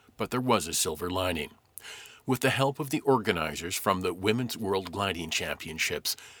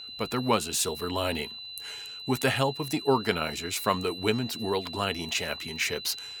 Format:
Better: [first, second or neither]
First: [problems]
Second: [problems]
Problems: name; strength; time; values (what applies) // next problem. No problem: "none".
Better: first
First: none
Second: high-pitched whine; loud; throughout; 4 kHz, 10 dB below the speech